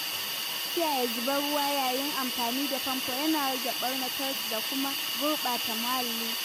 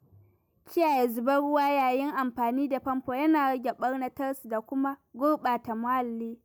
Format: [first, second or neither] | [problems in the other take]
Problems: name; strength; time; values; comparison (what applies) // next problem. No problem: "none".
second | background sound (Hiss); 1 dB above the speech